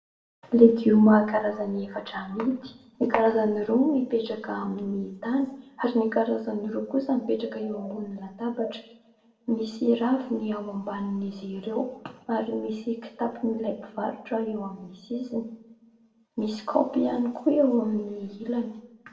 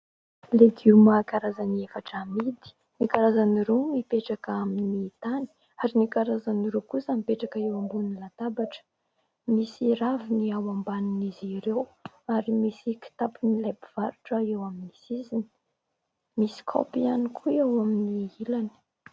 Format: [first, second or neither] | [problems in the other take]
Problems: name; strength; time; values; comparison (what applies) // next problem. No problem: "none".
second | room echo; dies away in 0.6 s